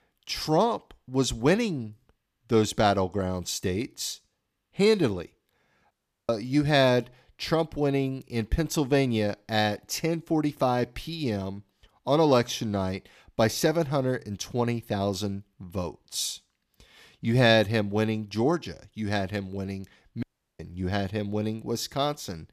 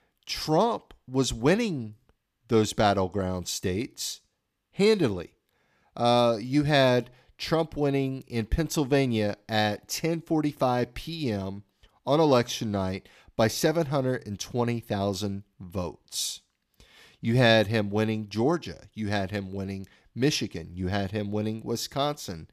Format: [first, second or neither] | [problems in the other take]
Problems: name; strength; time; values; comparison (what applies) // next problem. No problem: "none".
second | audio cutting out; at 6 s and at 20 s